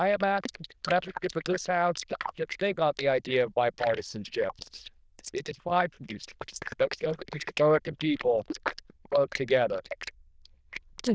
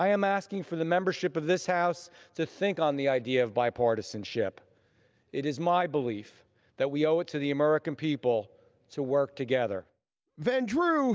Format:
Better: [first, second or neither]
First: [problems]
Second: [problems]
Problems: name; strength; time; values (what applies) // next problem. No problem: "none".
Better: second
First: noise reduction (neural diffusion model UNIVERSE++)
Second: none